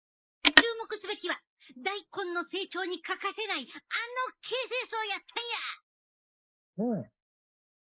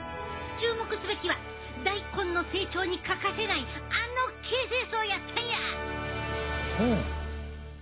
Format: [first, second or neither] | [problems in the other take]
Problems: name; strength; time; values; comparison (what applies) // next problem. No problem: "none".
second | noise reduction (neural mask model Resemble Enhance denoiser)